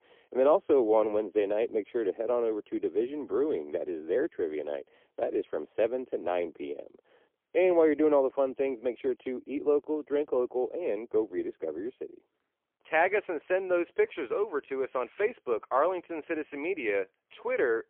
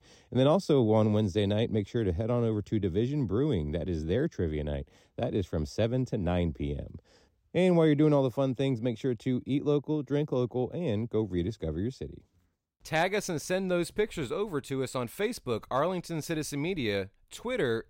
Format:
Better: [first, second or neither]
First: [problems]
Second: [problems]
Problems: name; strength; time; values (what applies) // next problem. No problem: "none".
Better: second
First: phone-call audio; poor line; nothing above 3.5 kHz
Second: none